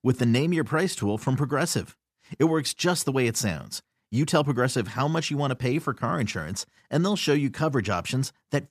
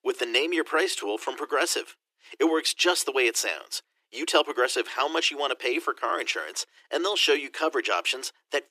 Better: first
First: none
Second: thin; very; fading below 350 Hz

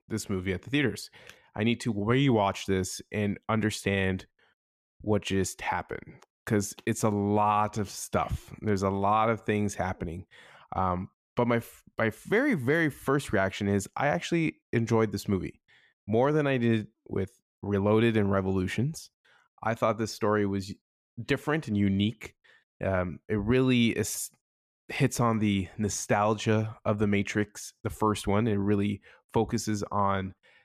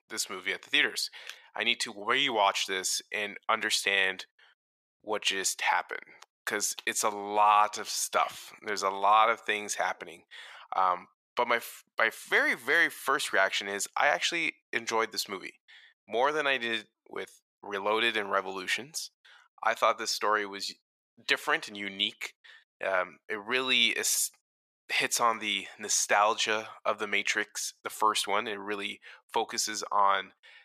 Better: first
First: none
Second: thin; very; fading below 800 Hz

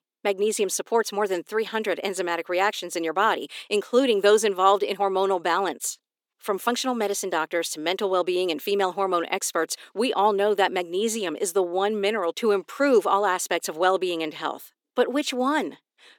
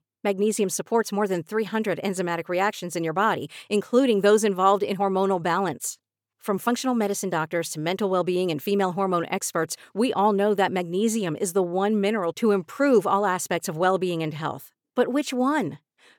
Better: second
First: thin; very slightly; fading below 250 Hz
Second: none

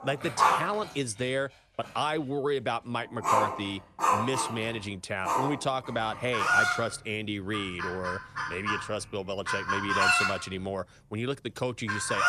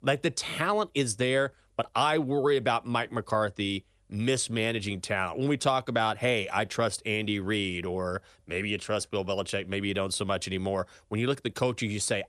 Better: second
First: animal sounds; very loud; throughout; 4 dB above the speech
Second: none

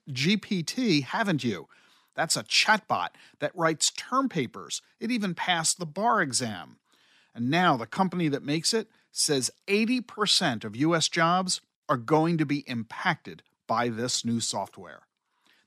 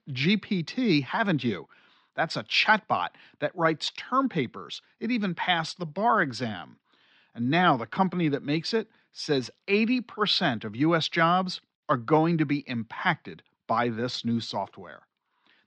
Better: first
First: none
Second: muffled; slightly; fading above 4 kHz

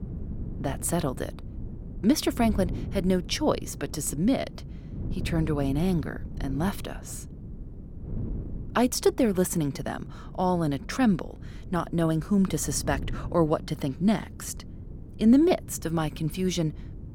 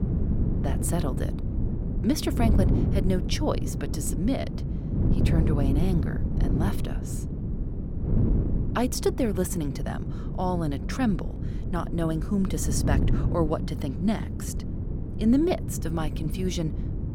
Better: first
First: wind noise on the microphone; occasional gusts; 20 dB below the speech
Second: wind noise on the microphone; heavy; 6 dB below the speech

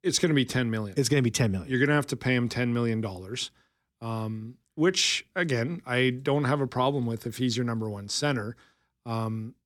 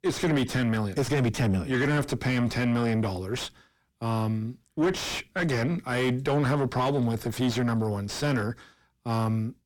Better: first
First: none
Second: distortion; heavy; 4 dB below the speech

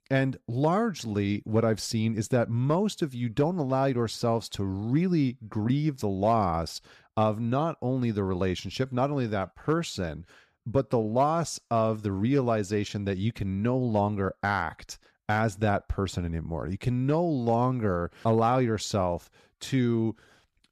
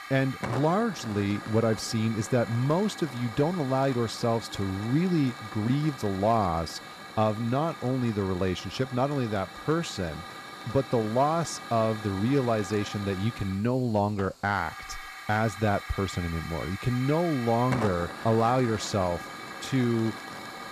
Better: first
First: none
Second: hiss; noticeable; throughout; 10 dB below the speech

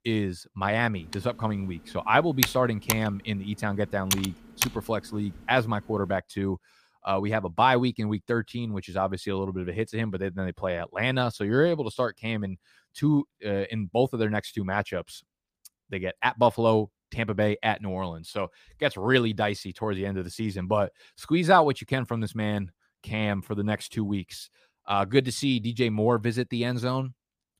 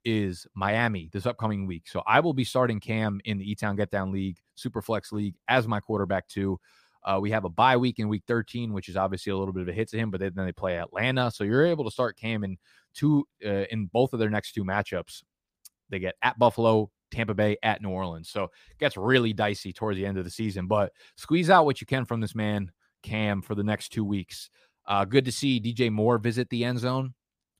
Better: second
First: keyboard typing; loud; from 1 to 4.5 s; peak 1 dB above the speech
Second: none

